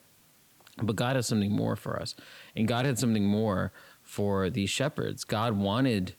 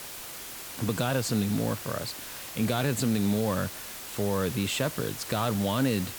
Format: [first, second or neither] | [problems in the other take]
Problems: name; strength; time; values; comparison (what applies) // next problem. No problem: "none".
first | hiss; loud; throughout; 9 dB below the speech; faint in the first